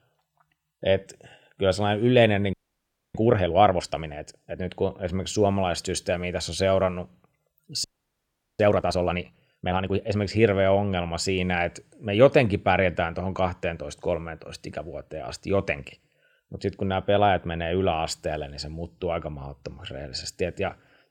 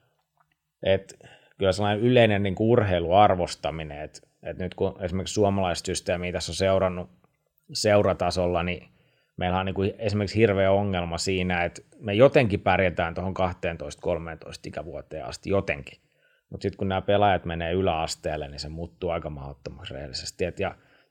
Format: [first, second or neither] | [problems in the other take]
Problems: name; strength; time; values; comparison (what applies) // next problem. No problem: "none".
second | audio freezing; at 2.5 s for 0.5 s and at 8 s for 1 s